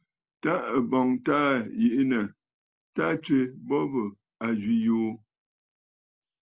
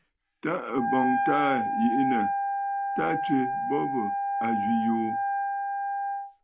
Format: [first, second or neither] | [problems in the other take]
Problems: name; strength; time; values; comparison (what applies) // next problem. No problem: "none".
first | background sound (Wind instrument, woodwind instrument); 1 dB above the speech